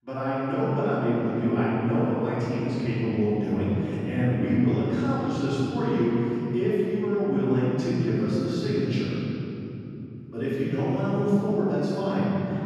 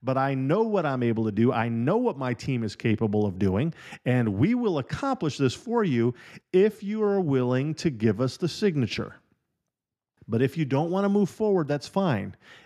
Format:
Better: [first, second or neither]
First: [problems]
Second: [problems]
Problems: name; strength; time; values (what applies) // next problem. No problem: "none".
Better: second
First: room echo; strong; dies away in 3 s // off-mic speech; far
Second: none